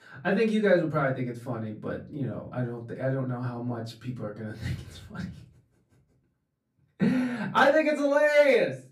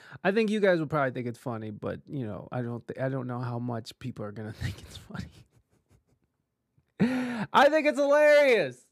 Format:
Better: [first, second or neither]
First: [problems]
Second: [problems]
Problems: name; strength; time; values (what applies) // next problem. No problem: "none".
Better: second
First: off-mic speech; far // room echo; very slight; dies away in 0.3 s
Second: none